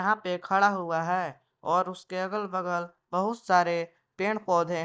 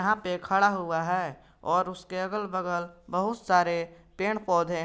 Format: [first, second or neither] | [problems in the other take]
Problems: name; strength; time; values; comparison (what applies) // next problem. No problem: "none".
second | noise reduction (neural mask model DeepFilterNet 3)